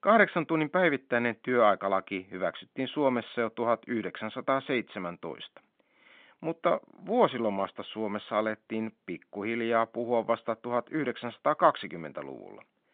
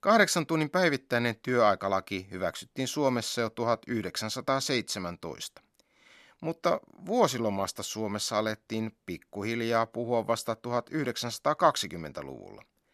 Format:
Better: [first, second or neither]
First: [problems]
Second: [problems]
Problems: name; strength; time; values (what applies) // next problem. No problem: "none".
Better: second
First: phone-call audio; nothing above 3.5 kHz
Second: none